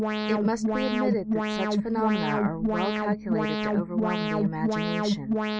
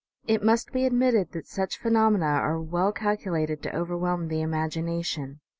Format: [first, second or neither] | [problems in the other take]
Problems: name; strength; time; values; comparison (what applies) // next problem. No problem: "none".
second | background sound (Alarm); 4 dB above the speech